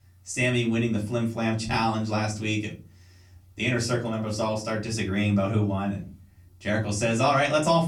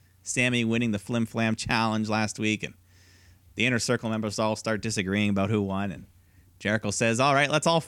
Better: second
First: off-mic speech; far // room echo; very slight; dies away in 0.3 s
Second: none

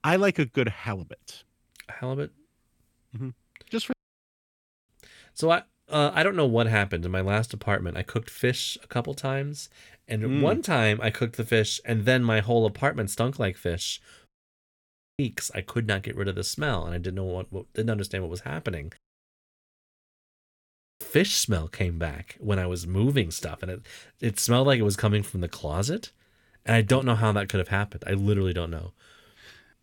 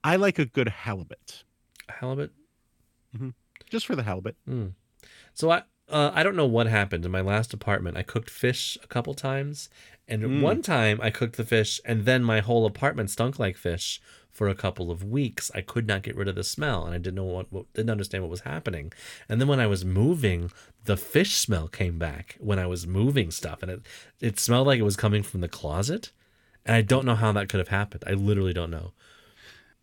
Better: second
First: audio cutting out; at 4 s for 1 s, at 14 s for 1 s and at 19 s for 2 s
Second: none

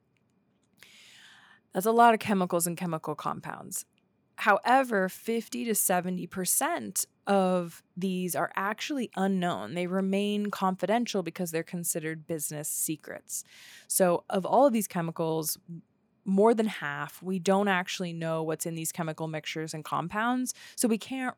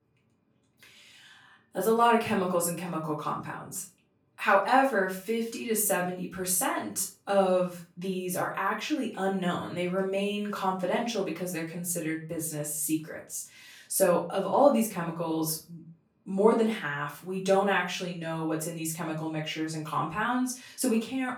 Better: first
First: none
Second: off-mic speech; far // room echo; slight; dies away in 0.3 s

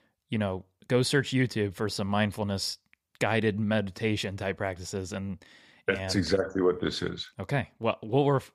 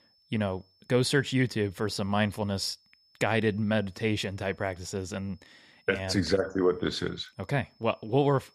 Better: first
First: none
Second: high-pitched whine; faint; throughout; 5.5 kHz, 35 dB below the speech

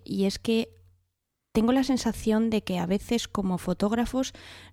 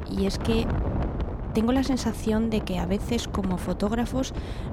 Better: first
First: none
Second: wind noise on the microphone; heavy; 7 dB below the speech

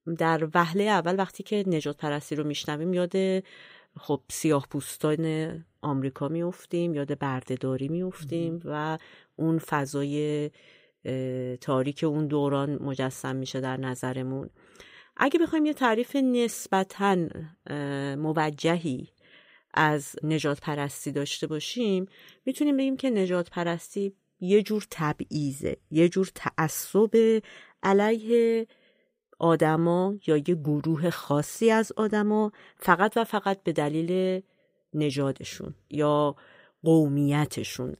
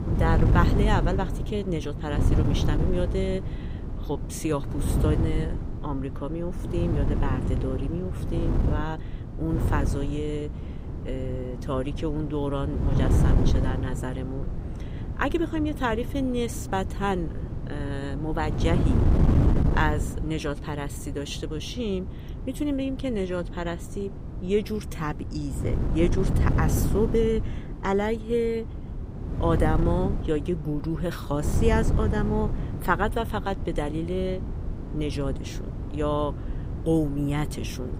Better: first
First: none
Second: wind noise on the microphone; heavy; 8 dB below the speech

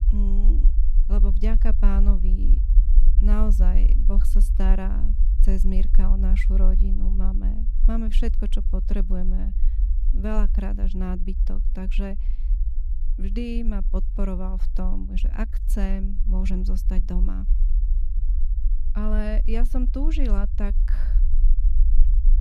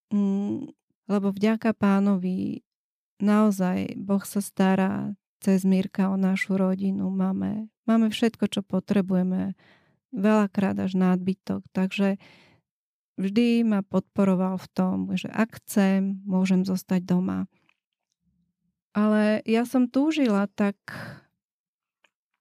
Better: second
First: low rumble; noticeable; throughout; 10 dB below the speech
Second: none

